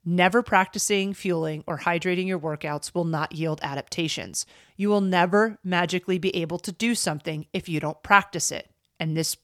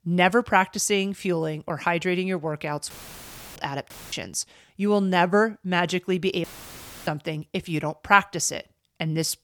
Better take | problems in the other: first | audio cutting out; filled with static; at 3 s for 0.5 s, at 4 s and at 6.5 s for 0.5 s

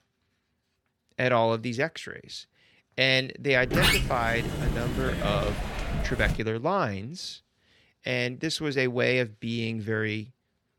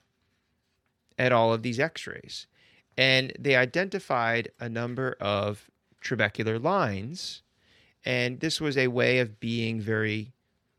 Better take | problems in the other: second | door banging; loud; from 3.5 to 6.5 s; peak 5 dB above the speech

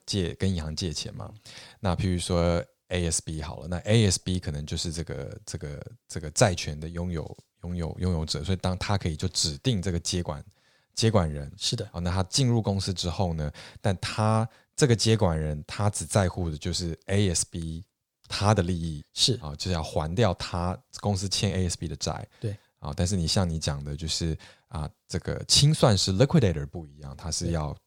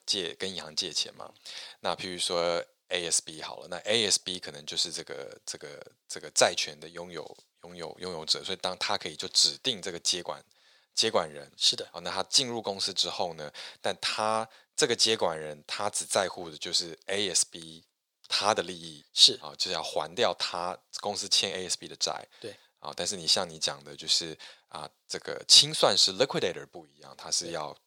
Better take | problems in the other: first | thin; very; fading below 450 Hz

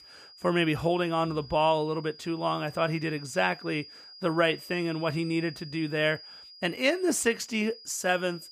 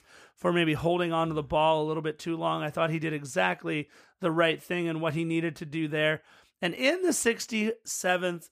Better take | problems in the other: second | high-pitched whine; noticeable; throughout; 5 kHz, 20 dB below the speech

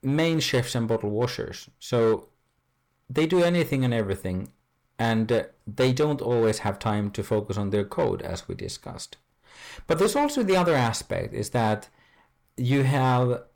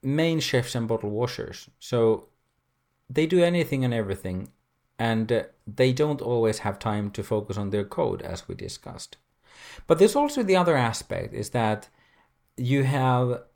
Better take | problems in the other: second | distortion; slight; 6% of the sound clipped

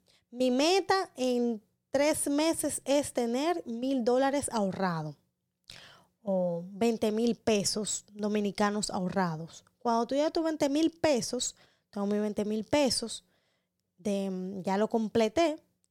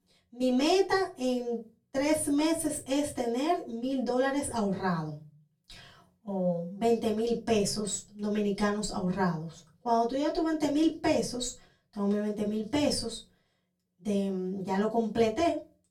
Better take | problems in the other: first | off-mic speech; far // room echo; very slight; dies away in 0.3 s

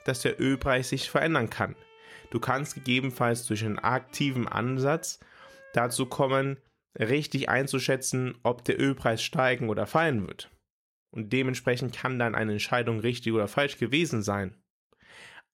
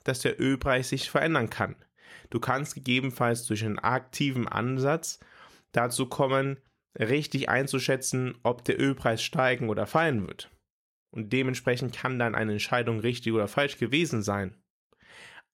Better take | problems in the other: second | background music; faint; until 6.5 s; 25 dB below the speech

